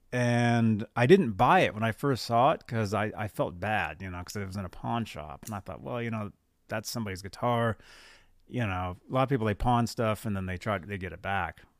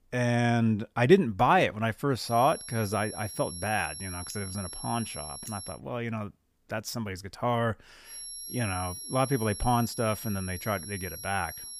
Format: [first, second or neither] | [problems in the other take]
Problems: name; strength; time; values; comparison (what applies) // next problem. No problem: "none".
first | high-pitched whine; loud; from 2 to 5.5 s and from 8 s on; 11 kHz, 10 dB below the speech